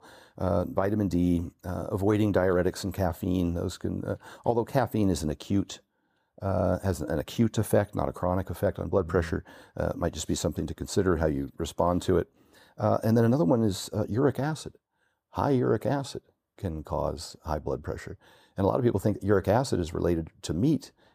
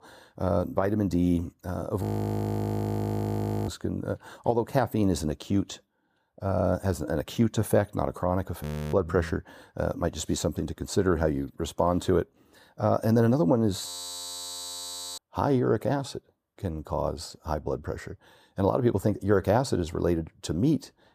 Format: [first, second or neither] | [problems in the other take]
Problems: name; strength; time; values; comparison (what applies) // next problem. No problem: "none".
first | audio freezing; at 2 s for 1.5 s, at 8.5 s and at 14 s for 1.5 s